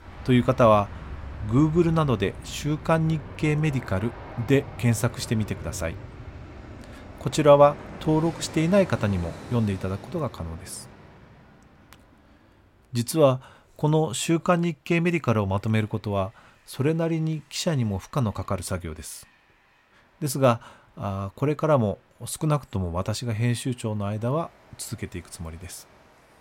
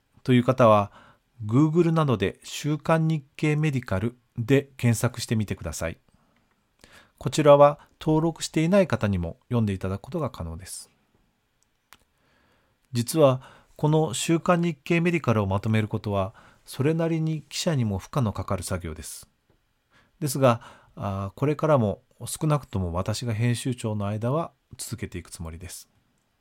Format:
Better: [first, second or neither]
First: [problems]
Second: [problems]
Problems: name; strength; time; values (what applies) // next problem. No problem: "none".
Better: second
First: train or aircraft noise; noticeable; throughout; 15 dB below the speech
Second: none